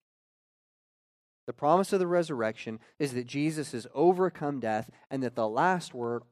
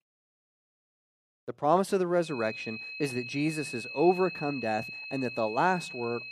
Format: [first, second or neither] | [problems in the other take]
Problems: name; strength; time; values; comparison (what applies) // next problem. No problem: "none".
first | high-pitched whine; loud; from 2.5 s on; 2.5 kHz, 9 dB below the speech